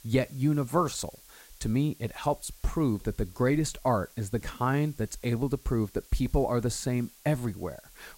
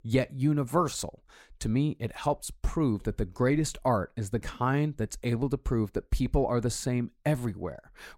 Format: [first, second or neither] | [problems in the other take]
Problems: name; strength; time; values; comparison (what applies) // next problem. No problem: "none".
second | hiss; faint; throughout; 25 dB below the speech